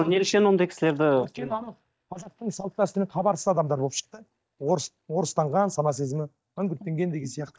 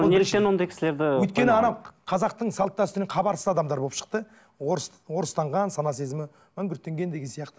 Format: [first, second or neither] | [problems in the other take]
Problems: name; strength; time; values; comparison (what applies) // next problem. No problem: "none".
second | noise reduction (neural mask model DeepFilterNet 3)